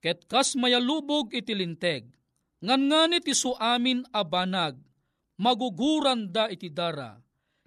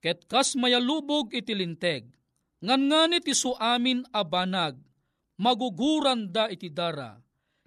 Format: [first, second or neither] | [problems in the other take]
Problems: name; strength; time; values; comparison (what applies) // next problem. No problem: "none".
neither | none